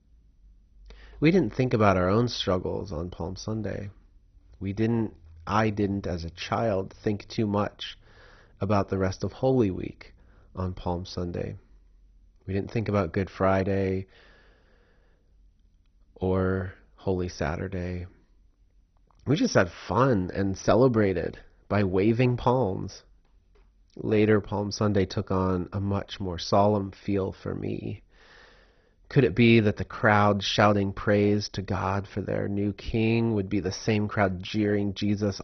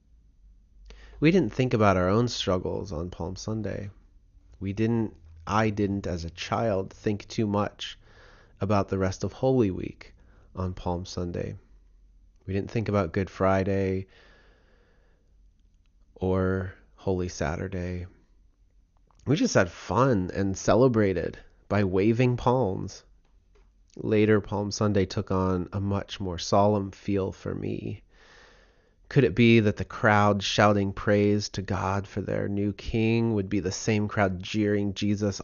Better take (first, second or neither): second